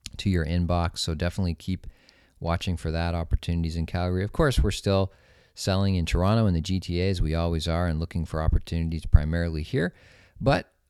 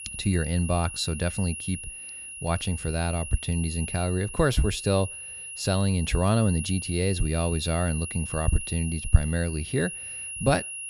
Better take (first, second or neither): first